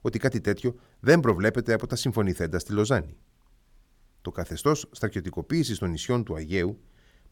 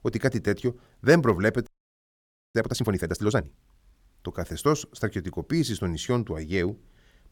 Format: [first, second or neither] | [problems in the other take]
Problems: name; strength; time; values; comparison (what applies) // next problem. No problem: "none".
first | audio freezing; at 1.5 s for 1 s